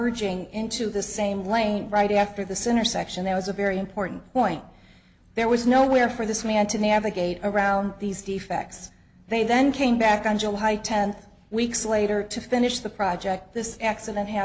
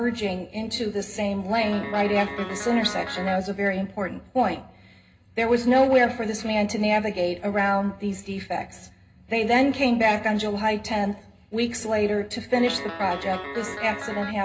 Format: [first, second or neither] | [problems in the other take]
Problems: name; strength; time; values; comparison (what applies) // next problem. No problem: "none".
first | background sound (Guitar); 9 dB below the speech // room echo; dies away in 0.2 s